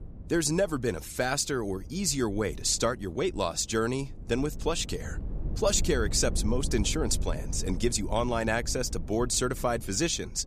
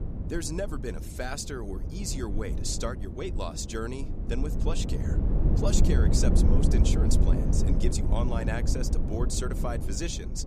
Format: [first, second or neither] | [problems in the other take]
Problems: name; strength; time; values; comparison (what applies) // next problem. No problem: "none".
first | low rumble; loud; throughout; 4 dB below the speech; faint in the first